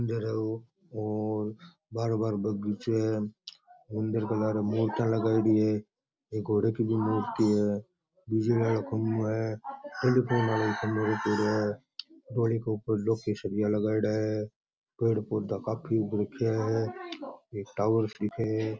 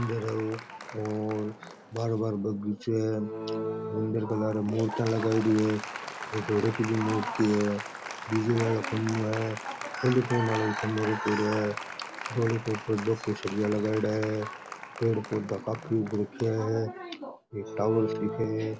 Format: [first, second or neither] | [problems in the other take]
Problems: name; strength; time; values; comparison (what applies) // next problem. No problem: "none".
first | background sound (Applause); 10 dB below the speech